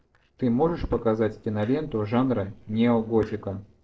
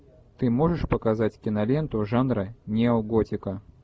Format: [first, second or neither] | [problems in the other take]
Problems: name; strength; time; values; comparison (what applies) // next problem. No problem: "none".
second | noise reduction (neural separator model SepFormer DNS4)